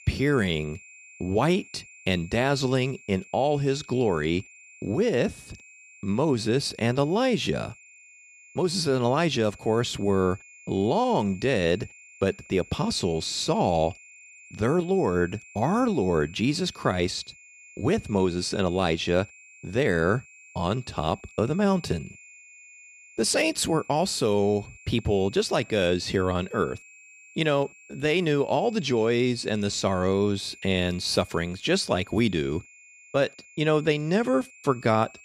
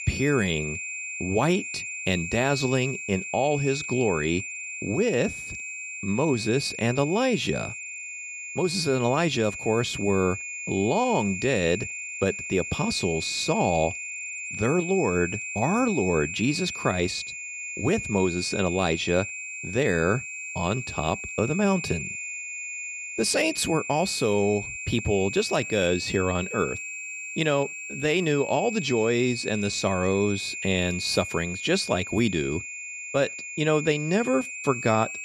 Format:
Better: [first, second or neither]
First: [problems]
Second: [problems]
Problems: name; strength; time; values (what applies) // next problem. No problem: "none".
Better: first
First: high-pitched whine; faint; throughout; 2.5 kHz, 20 dB below the speech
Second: high-pitched whine; loud; throughout; 2.5 kHz, 7 dB below the speech